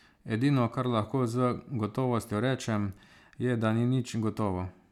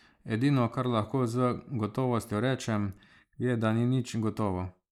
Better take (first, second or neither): first